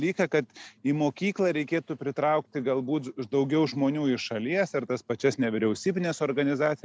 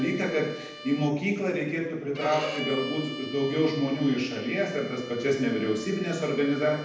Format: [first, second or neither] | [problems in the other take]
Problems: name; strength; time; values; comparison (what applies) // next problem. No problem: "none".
first | background sound (Bowed string instrument); 13 dB below the speech // room echo; dies away in 0.9 s